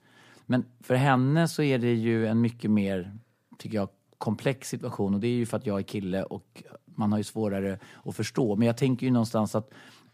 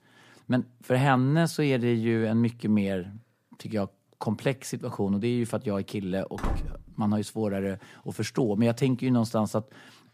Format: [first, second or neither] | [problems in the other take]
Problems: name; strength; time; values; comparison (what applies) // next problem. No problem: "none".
first | door banging; noticeable; at 6.5 s; peak 6 dB below the speech